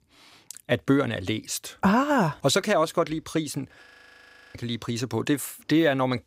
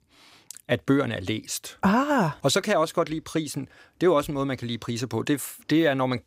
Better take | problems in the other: second | audio freezing; at 4 s for 0.5 s

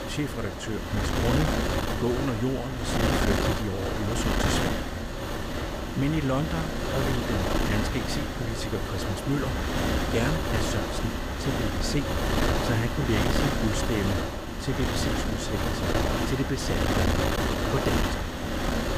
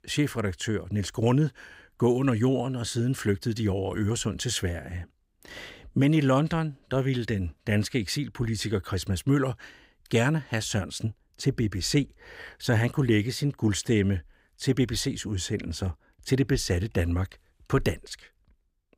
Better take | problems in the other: second | wind noise on the microphone; heavy; 5 dB above the speech

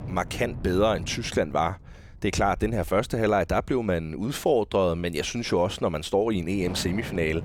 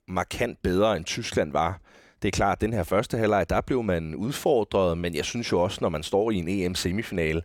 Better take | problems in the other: second | wind noise on the microphone; occasional gusts; 20 dB below the speech

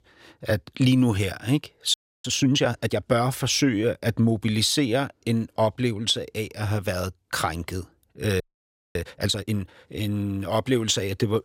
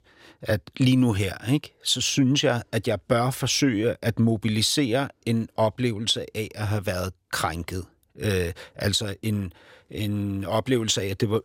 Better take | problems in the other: second | audio freezing; at 2 s and at 8.5 s for 0.5 s

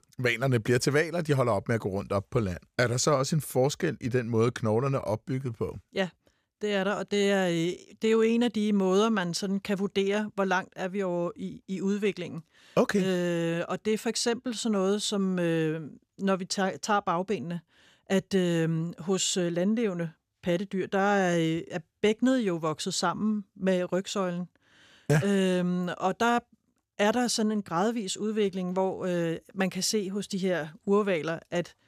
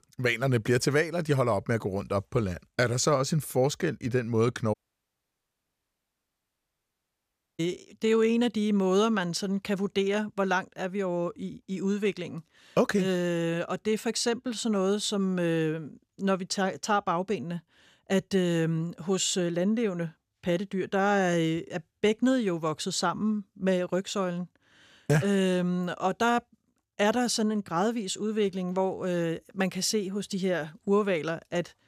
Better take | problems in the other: first | audio cutting out; at 4.5 s for 3 s

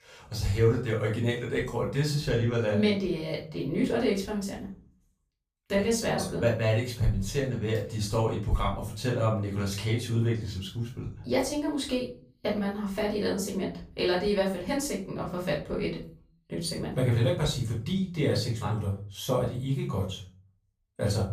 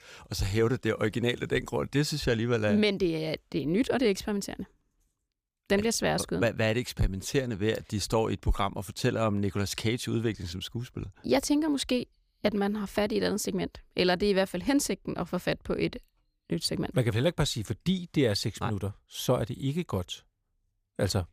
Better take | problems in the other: second | off-mic speech; far // room echo; slight; dies away in 0.4 s

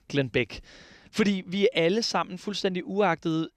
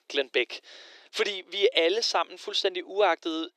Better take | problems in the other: first | thin; very; fading below 350 Hz

